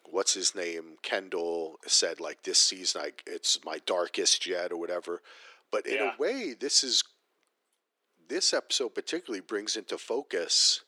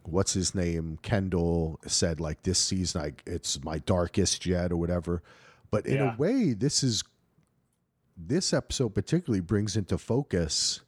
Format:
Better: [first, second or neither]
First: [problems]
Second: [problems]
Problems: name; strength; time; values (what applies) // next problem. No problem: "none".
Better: second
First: thin; very; fading below 350 Hz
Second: none